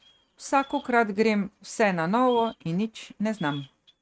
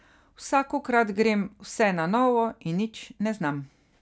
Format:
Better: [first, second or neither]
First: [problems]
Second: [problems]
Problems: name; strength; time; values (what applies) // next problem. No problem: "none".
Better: second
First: noise reduction (neural mask model RNNoise)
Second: none